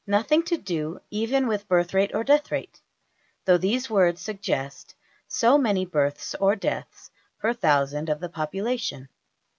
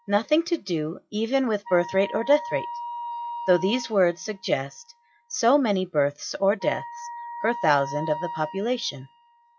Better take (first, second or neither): first